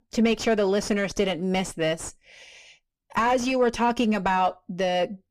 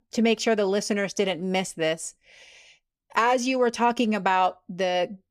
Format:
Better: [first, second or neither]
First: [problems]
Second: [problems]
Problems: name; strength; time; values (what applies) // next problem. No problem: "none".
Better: second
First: distortion; slight; 9 dB below the speech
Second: none